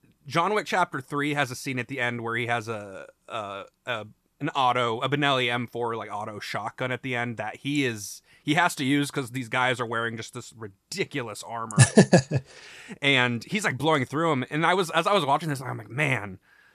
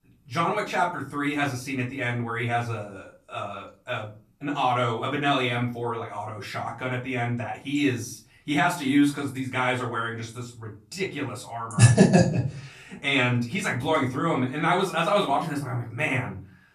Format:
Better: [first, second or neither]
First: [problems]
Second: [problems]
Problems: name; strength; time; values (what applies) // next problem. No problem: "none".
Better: first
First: none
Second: off-mic speech; far // room echo; slight; dies away in 0.3 s